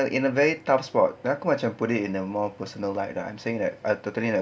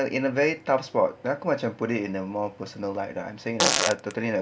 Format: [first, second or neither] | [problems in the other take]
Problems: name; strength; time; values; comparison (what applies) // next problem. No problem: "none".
first | background sound (Fart); 1 dB above the speech